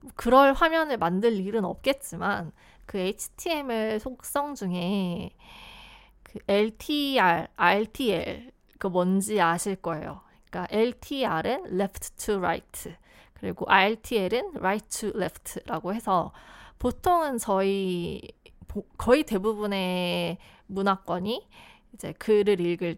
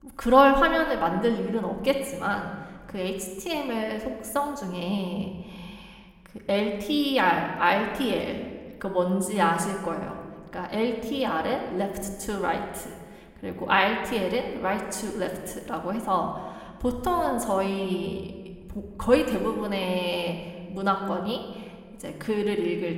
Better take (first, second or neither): first